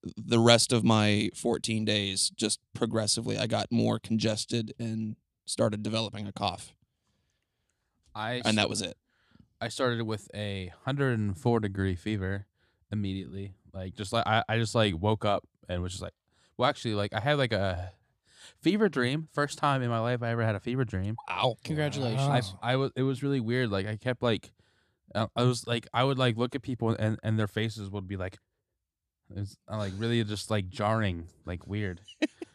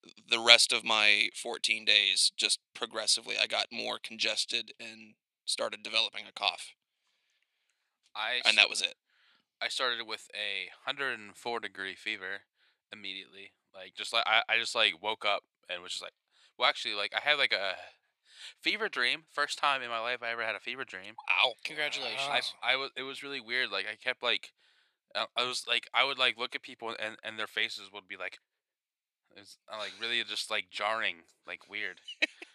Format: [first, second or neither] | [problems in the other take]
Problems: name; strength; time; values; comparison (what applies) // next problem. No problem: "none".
first | thin; very; fading below 700 Hz